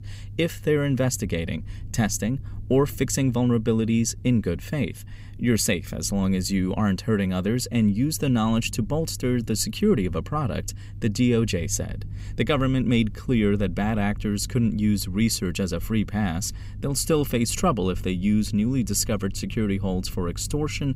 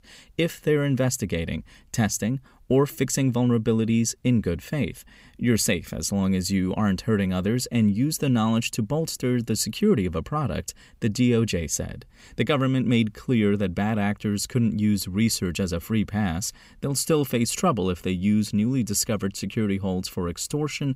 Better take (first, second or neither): second